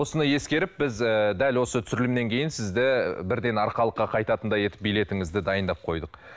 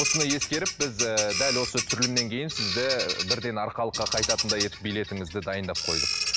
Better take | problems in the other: first | background sound (Bird vocalization, bird call, bird song); 1 dB above the speech

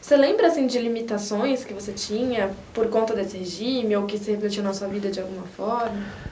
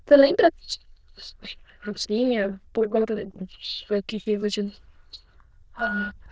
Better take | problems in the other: first | noise reduction (neural diffusion model UNIVERSE++)

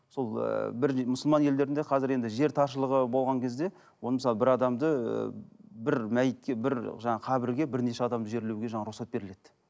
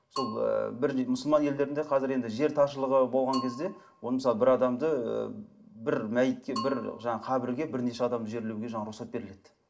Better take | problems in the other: first | background sound (Bell / Percussion); 17 dB below the speech // room echo; dies away in 0.4 s

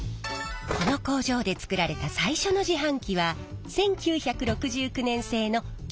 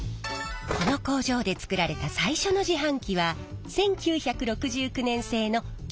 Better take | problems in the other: second | background sound (Microwave oven); 11 dB below the speech

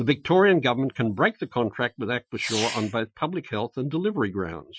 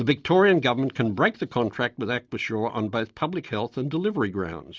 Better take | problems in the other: second | noise reduction (classical method Wiener filter)

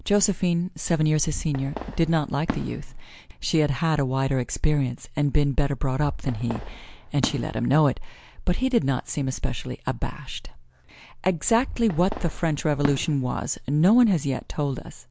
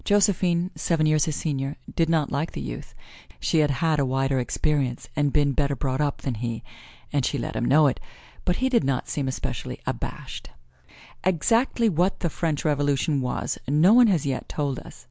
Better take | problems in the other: second | background sound (Fireworks); 13 dB below the speech

